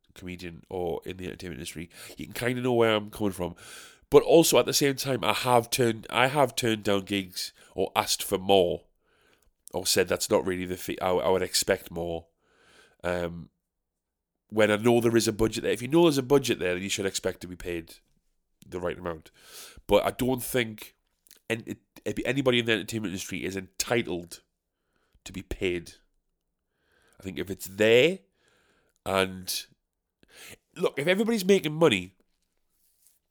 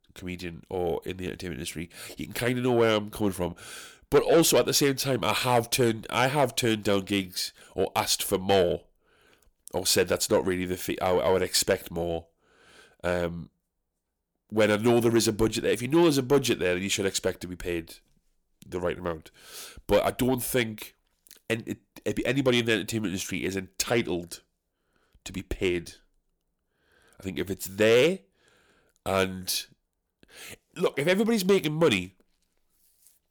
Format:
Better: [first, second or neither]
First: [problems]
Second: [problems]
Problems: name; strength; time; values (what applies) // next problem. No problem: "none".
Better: first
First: none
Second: distortion; slight; 10 dB below the speech